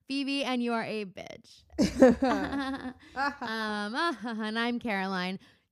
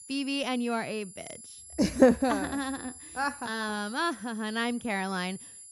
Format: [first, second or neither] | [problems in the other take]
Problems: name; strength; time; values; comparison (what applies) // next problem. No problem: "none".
first | high-pitched whine; noticeable; throughout; 10.5 kHz, 15 dB below the speech